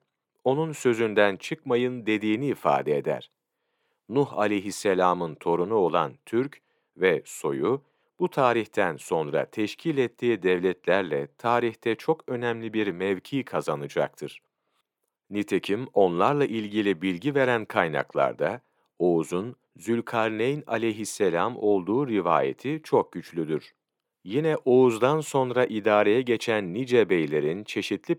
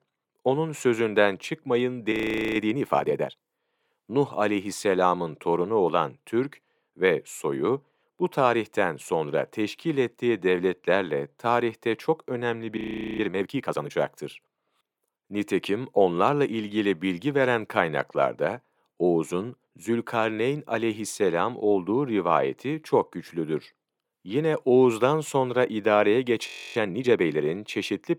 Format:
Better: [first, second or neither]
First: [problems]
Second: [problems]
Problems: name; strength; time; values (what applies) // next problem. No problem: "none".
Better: first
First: none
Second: audio freezing; at 2 s, at 13 s and at 26 s